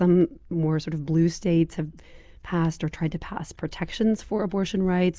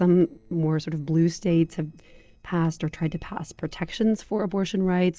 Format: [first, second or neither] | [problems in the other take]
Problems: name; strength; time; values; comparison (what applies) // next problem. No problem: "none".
first | noise reduction (neural separator model SepFormer DNS4)